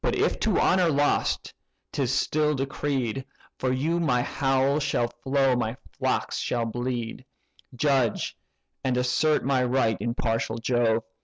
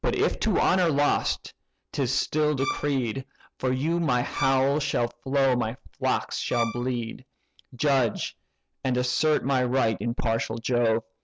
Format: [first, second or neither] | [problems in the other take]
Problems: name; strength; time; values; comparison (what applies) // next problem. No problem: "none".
first | background sound (Bowed string instrument); 8 dB below the speech